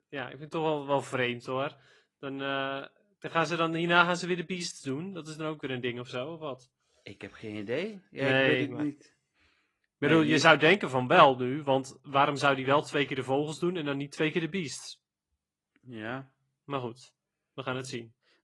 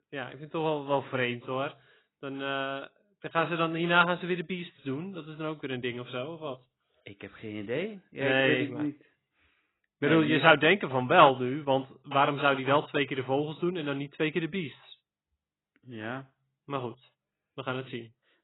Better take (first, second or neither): first